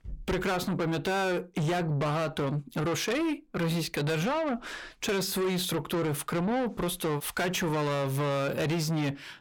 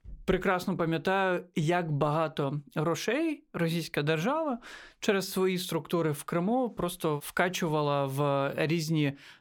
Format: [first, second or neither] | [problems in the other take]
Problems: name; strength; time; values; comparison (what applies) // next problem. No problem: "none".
second | distortion; heavy; 7 dB below the speech